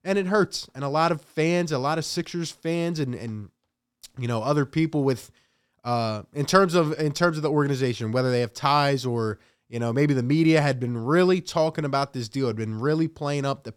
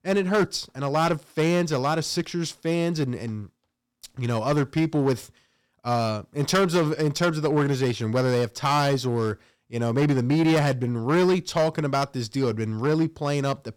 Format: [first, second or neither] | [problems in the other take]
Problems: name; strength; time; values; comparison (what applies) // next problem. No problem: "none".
first | distortion; slight; 7% of the sound clipped